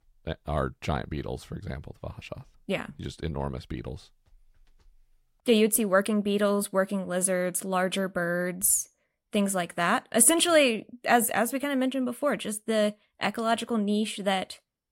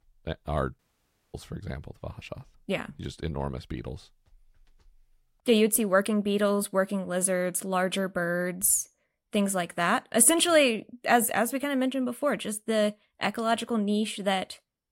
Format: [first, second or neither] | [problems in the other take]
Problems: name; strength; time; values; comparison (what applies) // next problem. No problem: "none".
first | audio cutting out; at 1 s for 0.5 s